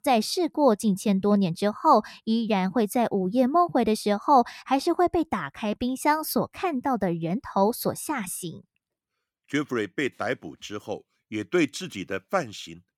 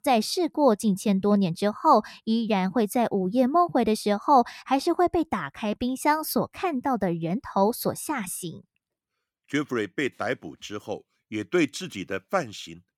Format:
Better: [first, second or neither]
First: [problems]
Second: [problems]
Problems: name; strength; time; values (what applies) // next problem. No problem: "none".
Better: neither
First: none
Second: none